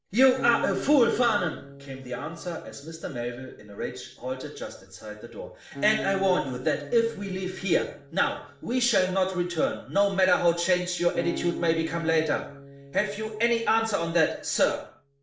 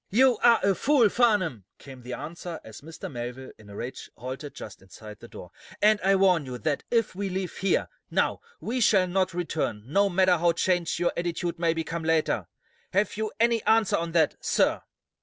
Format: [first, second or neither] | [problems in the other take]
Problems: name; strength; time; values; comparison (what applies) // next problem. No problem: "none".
second | background sound (Acoustic guitar); 16 dB below the speech // room echo; dies away in 0.5 s